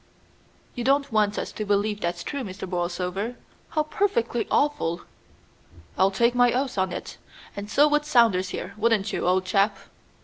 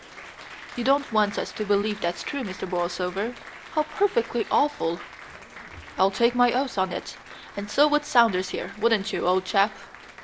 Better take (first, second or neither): first